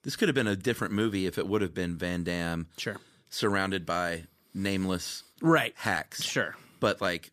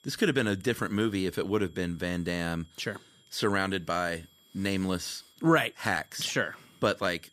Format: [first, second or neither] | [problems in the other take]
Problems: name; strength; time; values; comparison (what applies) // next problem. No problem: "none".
first | high-pitched whine; faint; throughout; 3.5 kHz, 30 dB below the speech